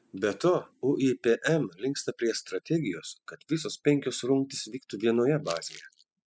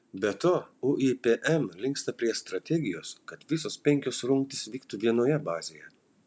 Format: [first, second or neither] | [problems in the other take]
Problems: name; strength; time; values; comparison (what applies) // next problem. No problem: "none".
second | noise reduction (classical method spectral subtraction)